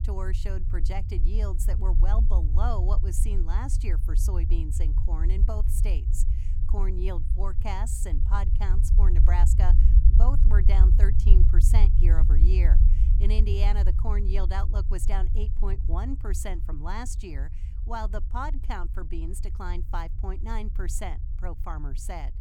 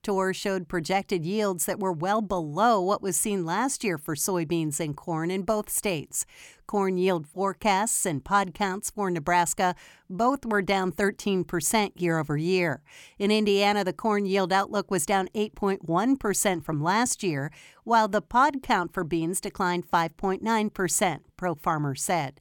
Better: second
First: low rumble; loud; throughout; 7 dB below the speech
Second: none

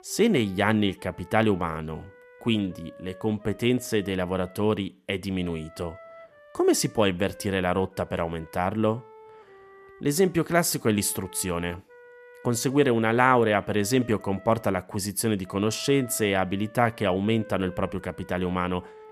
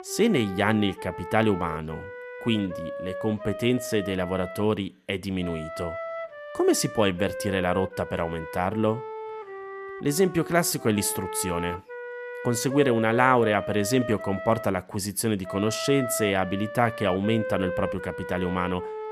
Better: first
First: background music; faint; throughout; 20 dB below the speech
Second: background music; loud; throughout; 10 dB below the speech

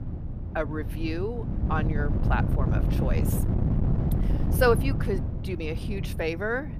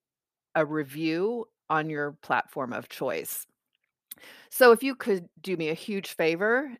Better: second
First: wind noise on the microphone; heavy; 8 dB below the speech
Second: none

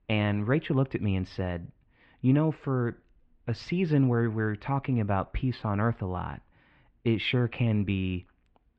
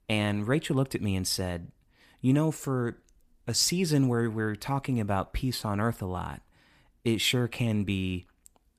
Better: second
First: muffled; very; fading above 3 kHz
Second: none

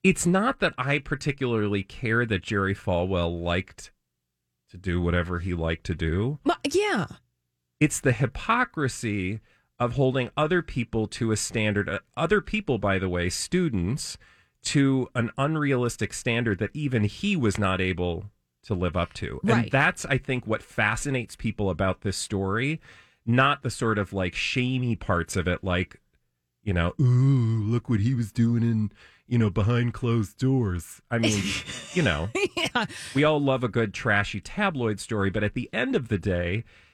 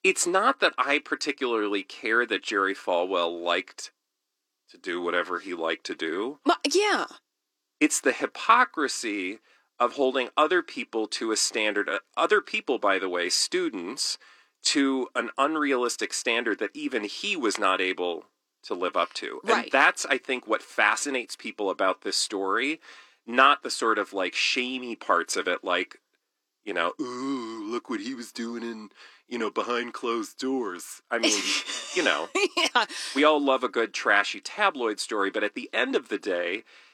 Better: first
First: none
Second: thin; somewhat; fading below 300 Hz

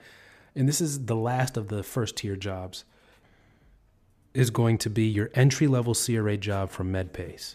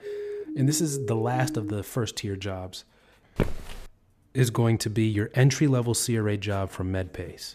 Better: first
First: none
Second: siren; noticeable; until 1.5 s; peak 8 dB below the speech // footsteps; noticeable; at 3.5 s; peak 4 dB below the speech

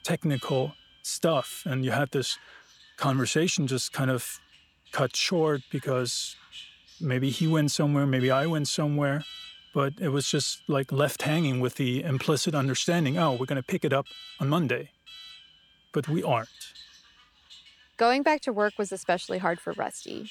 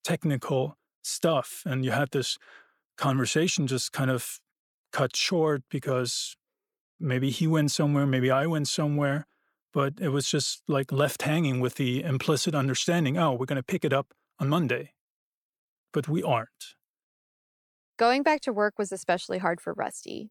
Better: second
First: alarms or sirens; noticeable; throughout; 20 dB below the speech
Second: none

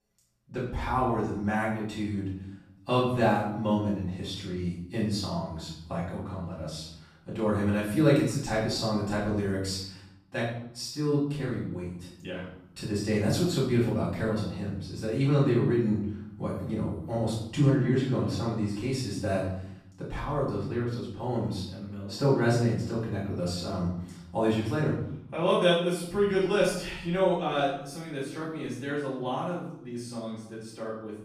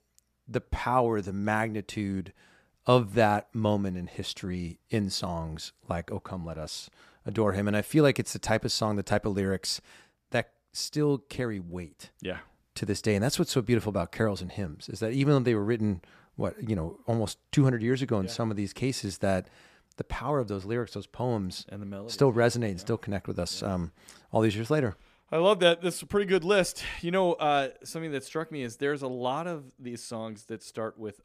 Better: second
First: off-mic speech; far // room echo; noticeable; dies away in 0.8 s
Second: none

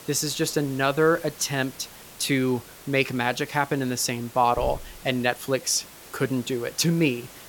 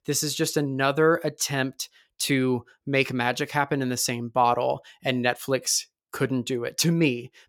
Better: second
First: hiss; noticeable; throughout; 20 dB below the speech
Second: none

